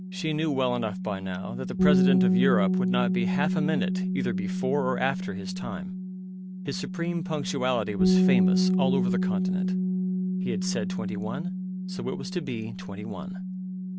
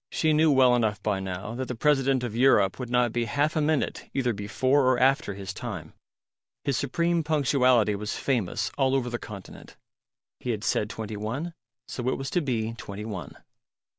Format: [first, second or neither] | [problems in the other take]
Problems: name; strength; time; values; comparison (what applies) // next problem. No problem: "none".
second | background sound (Bass guitar); 5 dB above the speech